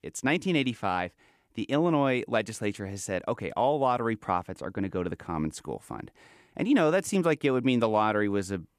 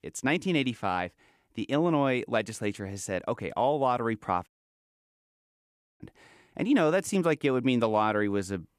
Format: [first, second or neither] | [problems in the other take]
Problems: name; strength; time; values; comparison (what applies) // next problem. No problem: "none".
first | audio cutting out; at 4.5 s for 1.5 s